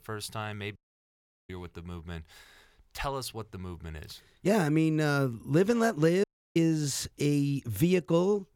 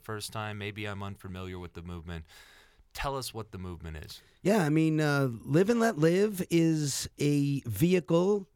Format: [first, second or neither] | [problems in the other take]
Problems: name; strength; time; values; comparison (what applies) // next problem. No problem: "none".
second | audio cutting out; at 1 s for 0.5 s and at 6 s